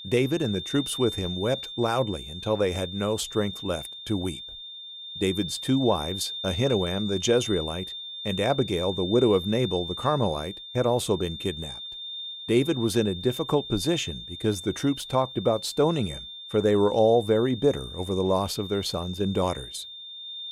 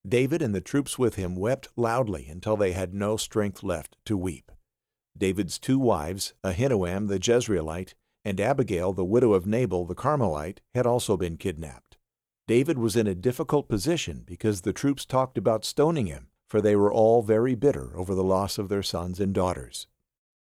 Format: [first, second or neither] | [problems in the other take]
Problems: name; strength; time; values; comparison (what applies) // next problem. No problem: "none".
second | high-pitched whine; loud; throughout; 3.5 kHz, 9 dB below the speech